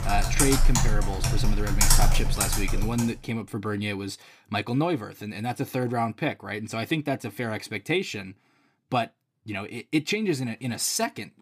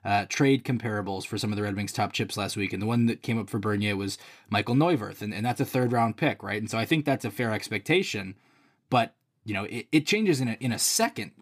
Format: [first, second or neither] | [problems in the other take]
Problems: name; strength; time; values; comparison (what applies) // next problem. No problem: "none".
second | household noises; very loud; until 2.5 s; 4 dB above the speech